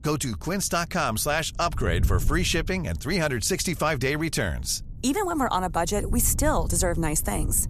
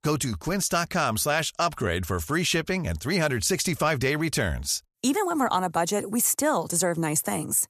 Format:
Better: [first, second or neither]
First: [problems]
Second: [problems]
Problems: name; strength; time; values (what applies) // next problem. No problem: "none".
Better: second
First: wind noise on the microphone; occasional gusts; 25 dB below the speech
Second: none